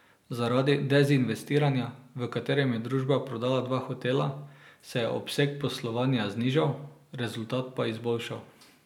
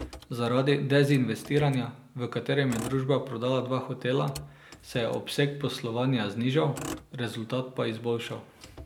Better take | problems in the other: first | background sound (Motor vehicle (road)); 18 dB below the speech

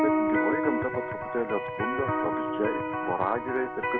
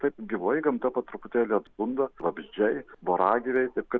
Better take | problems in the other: second | background sound (Electric guitar); 3 dB above the speech

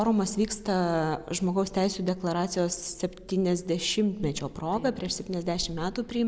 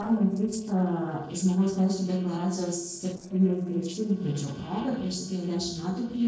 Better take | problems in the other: first | noise reduction (neural separator model SepFormer DNS4)

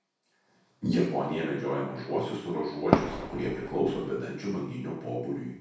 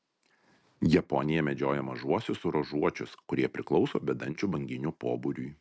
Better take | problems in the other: second | background sound (Fireworks); 1 dB above the speech // room echo; dies away in 0.7 s

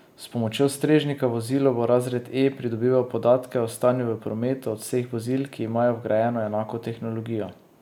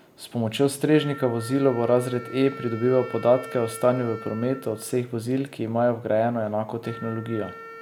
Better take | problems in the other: first | background sound (Wind instrument, woodwind instrument); 17 dB below the speech

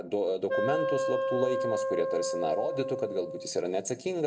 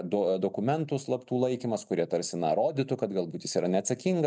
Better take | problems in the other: second | background sound (Wind instrument, woodwind instrument); as loud as the speech // room echo; dies away in 1 s

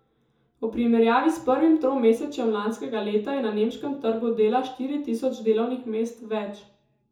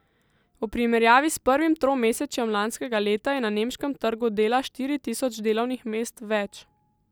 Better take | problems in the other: second | room echo; dies away in 0.6 s

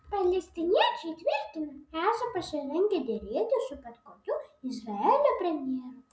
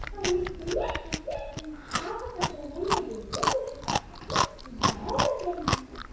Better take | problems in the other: first | background sound (Chewing, mastication); 2 dB above the speech // room echo; dies away in 0.7 s

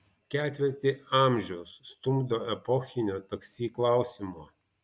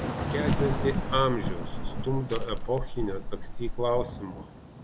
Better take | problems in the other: first | background sound (Crushing + Thunder / Rain); 1 dB above the speech

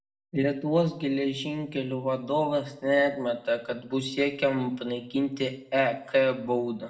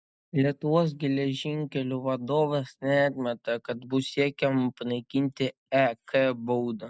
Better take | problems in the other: second | room echo; dies away in 0.6 s

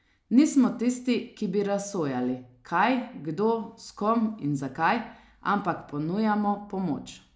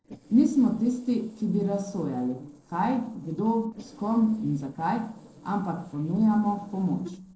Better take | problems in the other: first | noise reduction (neural separator model SepFormer DNS4)

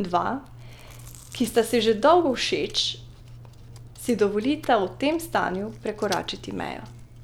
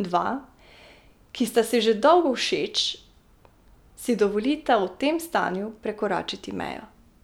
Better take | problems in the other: second | background sound (Chewing, mastication); 17 dB below the speech

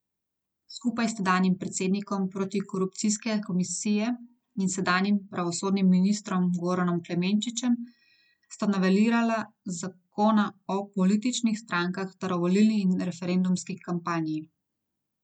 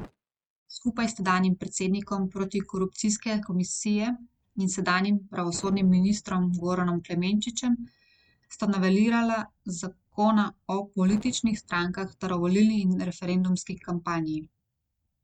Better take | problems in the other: first | noise reduction (neural mask model RNNoise)

